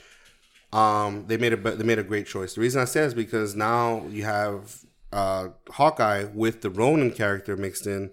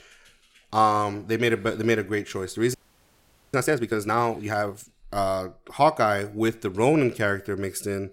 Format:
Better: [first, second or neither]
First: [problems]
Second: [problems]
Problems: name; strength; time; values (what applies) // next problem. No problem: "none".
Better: first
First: none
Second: audio freezing; at 2.5 s for 1 s